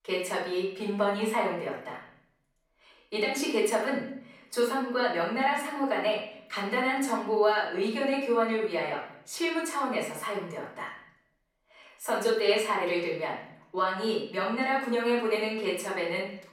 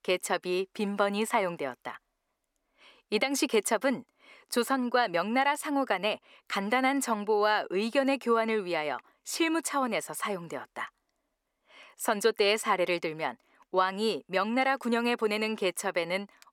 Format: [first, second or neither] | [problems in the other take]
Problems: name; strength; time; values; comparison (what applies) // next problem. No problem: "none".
second | off-mic speech; far // room echo; noticeable; dies away in 0.7 s